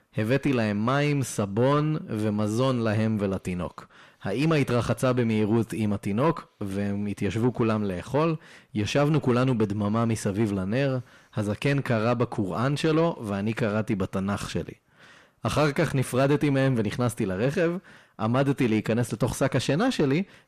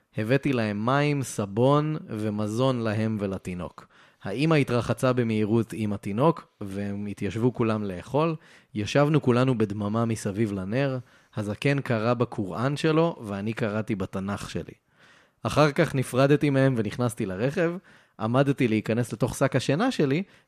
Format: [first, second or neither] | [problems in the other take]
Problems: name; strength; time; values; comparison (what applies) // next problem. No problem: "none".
second | distortion; slight; 10 dB below the speech